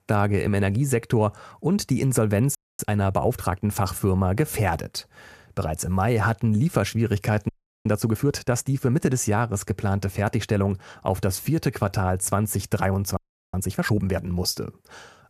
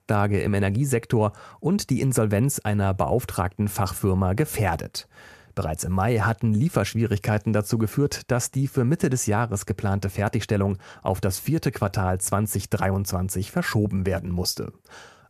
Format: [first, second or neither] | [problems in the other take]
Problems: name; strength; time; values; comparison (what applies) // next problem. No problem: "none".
second | audio freezing; at 2.5 s, at 7.5 s and at 13 s